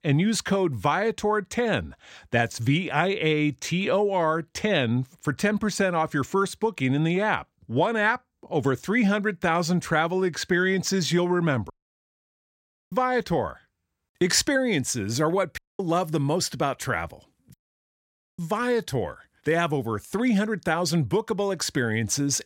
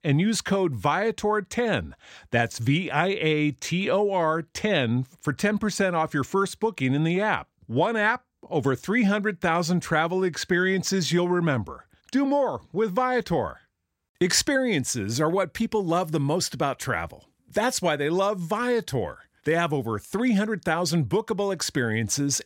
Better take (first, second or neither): second